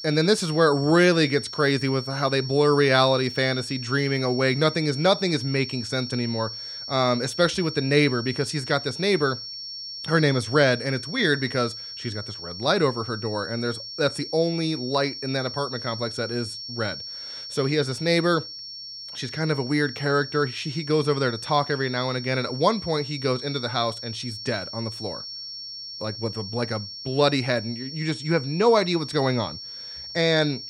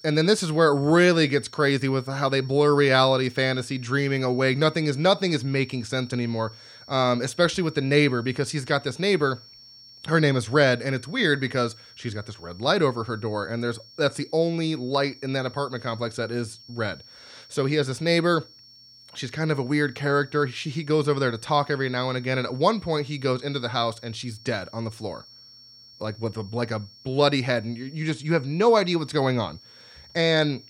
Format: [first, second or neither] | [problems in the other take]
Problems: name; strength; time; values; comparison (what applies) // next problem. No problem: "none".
second | high-pitched whine; loud; throughout; 5.5 kHz, 10 dB below the speech; faint in the second